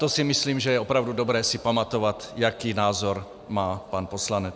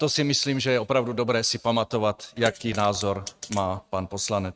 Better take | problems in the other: first | noise reduction (neural mask model RNNoise)

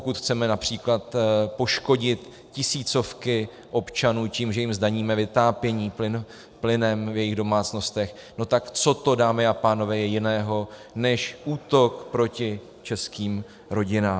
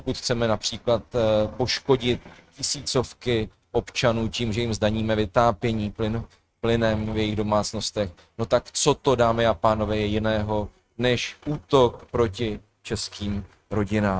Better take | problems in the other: first | noise reduction (neural mask model RNNoise)

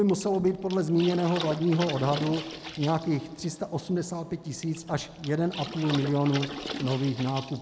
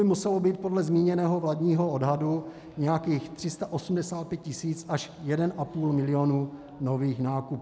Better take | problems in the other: second | background sound (Water / Splash, splatter); 12 dB below the speech

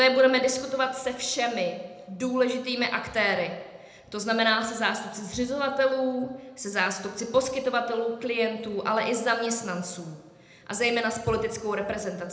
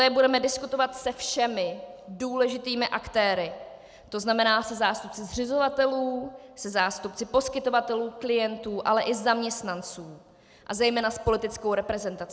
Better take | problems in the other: second | room echo; dies away in 0.7 s

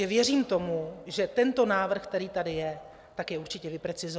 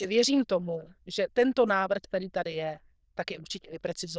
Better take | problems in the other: first | noise reduction (neural diffusion model UNIVERSE++)

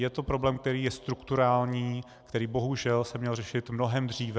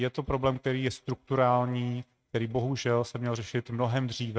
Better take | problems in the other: first | noise reduction (neural mask model RNNoise)

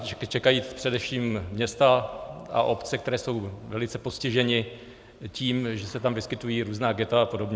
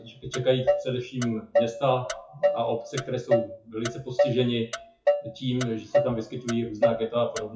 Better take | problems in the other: first | noise reduction (classical method WPE with log-MMSE)

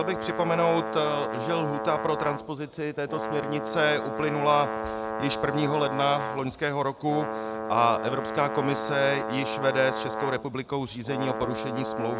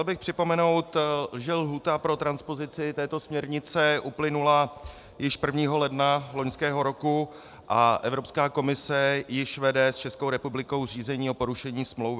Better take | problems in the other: second | background sound (Brass instrument); 4 dB below the speech

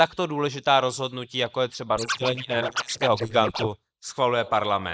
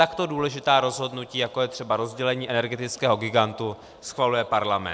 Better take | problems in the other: second | noise reduction (neural mask model Resemble Enhance denoiser)

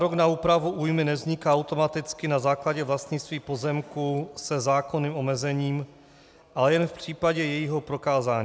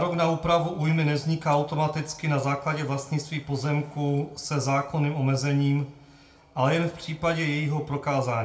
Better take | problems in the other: first | room echo; dies away in 0.3 s

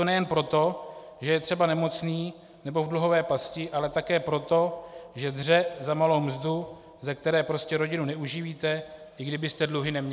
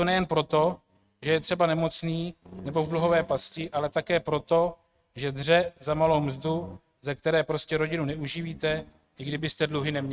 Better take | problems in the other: first | noise reduction (neural mask model RNNoise)

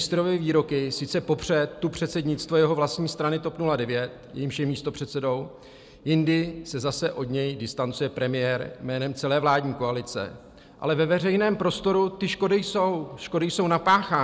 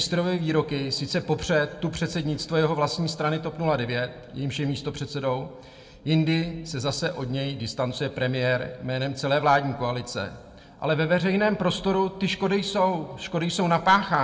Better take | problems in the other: first | room echo; dies away in 0.9 s

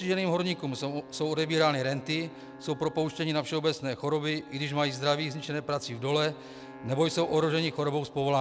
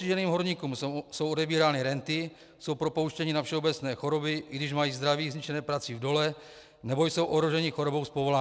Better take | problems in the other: second | background sound (Wind instrument, woodwind instrument + Wind instrument, woodwind instrument); 18 dB below the speech

